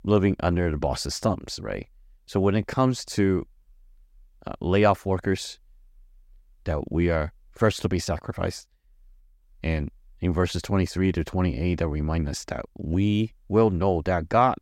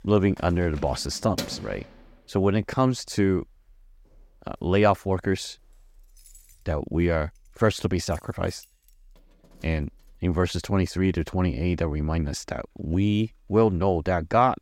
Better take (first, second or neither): first